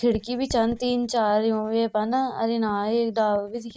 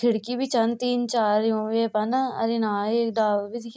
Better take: second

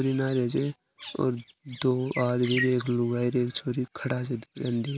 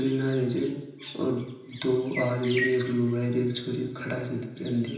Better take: first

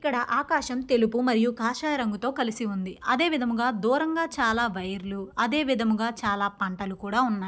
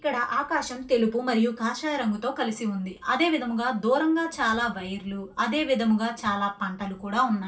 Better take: first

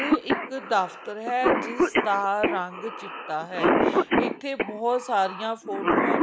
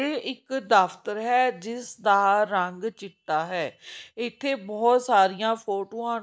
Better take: second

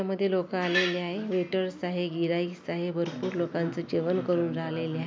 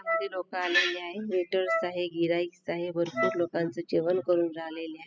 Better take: first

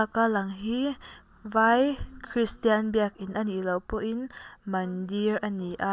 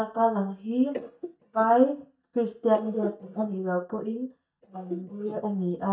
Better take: first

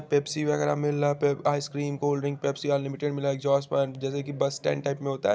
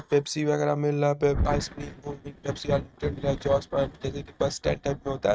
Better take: first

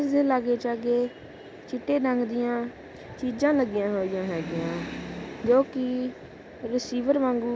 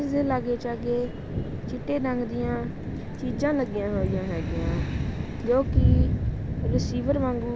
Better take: first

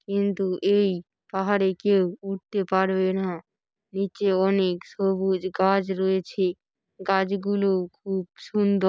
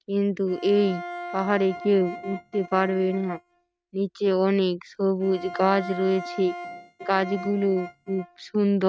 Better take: first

